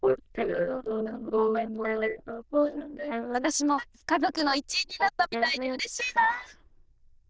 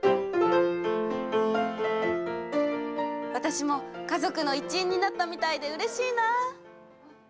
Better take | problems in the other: second | noise reduction (neural diffusion model UNIVERSE++)

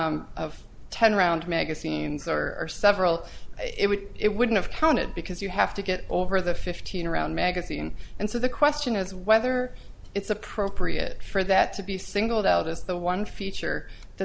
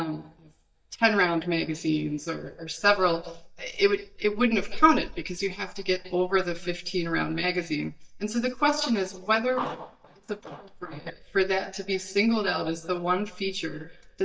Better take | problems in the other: first | noise reduction (neural mask model DeepFilterNet 3)

